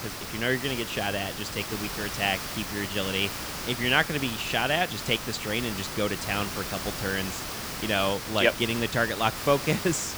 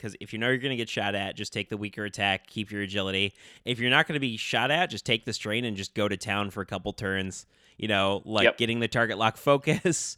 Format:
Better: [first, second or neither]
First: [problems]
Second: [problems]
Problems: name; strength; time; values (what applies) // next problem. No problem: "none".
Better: second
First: hiss; loud; throughout; 6 dB below the speech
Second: none